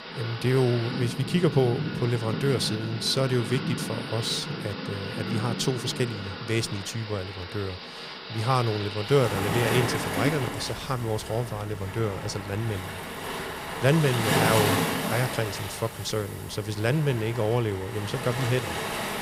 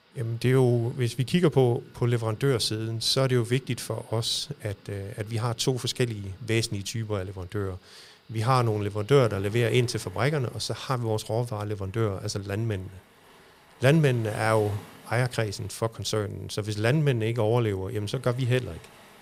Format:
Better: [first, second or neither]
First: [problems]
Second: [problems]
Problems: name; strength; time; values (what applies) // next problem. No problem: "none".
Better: second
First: rain or running water; loud; throughout; 4 dB below the speech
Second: rain or running water; faint; throughout; 25 dB below the speech